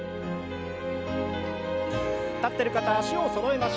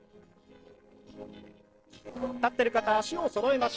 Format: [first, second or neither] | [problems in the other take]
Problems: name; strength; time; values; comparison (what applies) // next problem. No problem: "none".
first | noise reduction (neural separator model SepFormer DNS4)